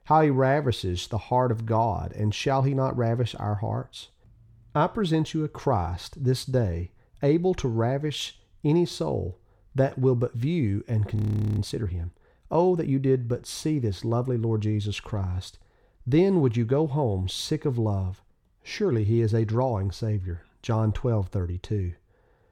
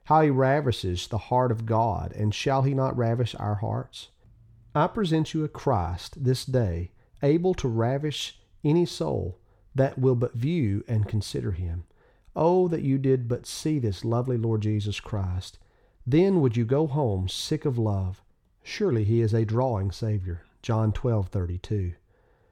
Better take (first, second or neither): second